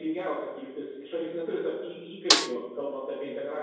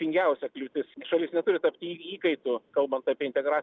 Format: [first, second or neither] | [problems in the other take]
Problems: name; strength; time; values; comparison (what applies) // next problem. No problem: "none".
second | background sound (Snare drum); 4 dB above the speech // room echo; dies away in 1 s